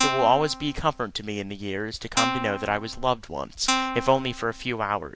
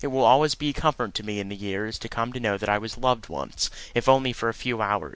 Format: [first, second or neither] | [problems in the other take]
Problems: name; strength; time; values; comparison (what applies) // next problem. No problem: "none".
second | background sound (Guitar); 2 dB below the speech